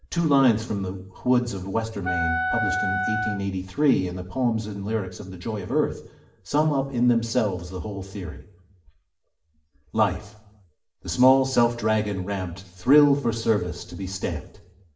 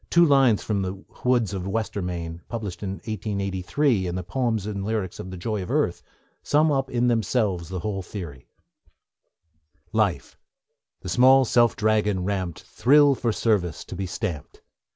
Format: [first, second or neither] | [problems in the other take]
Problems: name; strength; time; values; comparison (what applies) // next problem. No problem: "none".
second | background sound (Wind instrument, woodwind instrument); 2 dB below the speech // room echo; dies away in 0.6 s